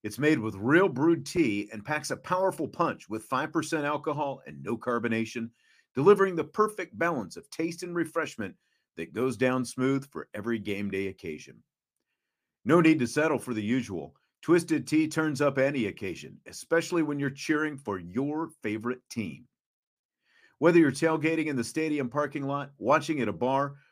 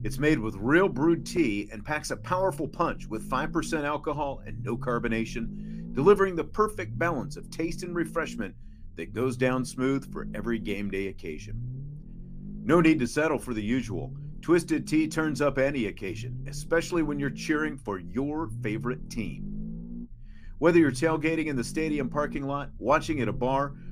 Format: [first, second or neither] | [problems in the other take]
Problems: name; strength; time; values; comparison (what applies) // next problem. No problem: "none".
first | low rumble; faint; throughout; 20 dB below the speech